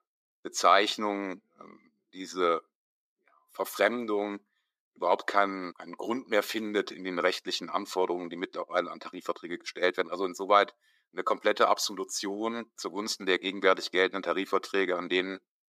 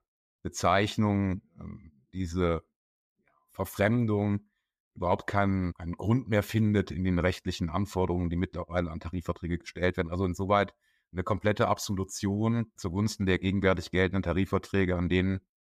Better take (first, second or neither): second